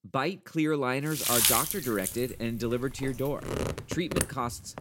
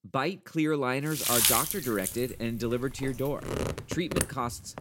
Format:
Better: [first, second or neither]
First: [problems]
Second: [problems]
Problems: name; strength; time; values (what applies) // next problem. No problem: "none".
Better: neither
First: household noises; very loud; from 1.5 s on; 3 dB above the speech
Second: household noises; very loud; from 1.5 s on; 3 dB above the speech